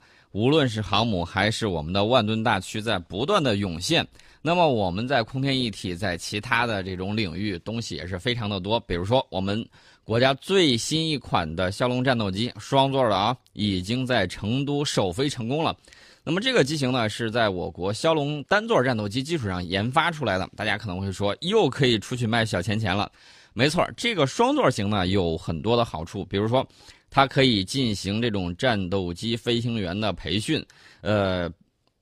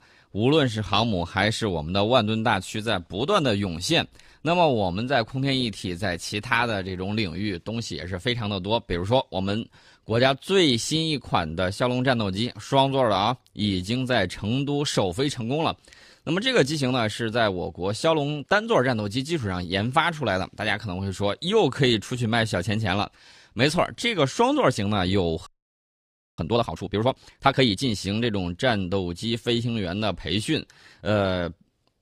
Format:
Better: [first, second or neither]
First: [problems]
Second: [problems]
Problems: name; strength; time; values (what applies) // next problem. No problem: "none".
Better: first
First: none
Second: audio freezing; at 25 s for 1 s